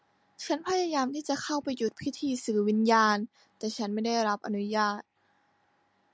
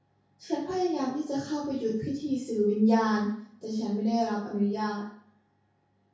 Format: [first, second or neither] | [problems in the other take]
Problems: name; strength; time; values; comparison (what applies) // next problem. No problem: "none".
first | room echo; dies away in 0.6 s